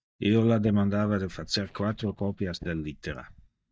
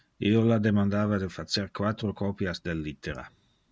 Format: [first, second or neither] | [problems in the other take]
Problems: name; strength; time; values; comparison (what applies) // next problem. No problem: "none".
second | noise reduction (neural mask model DeepFilterNet 3)